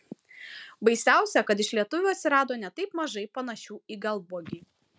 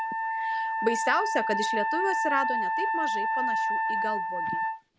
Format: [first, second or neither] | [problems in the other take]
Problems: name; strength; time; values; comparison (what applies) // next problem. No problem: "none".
first | background sound (Wind instrument, woodwind instrument); 5 dB above the speech